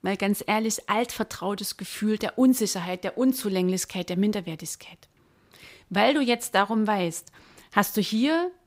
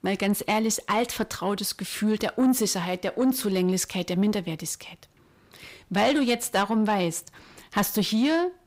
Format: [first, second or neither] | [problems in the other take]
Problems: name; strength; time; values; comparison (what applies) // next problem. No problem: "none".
first | distortion; slight; 10 dB below the speech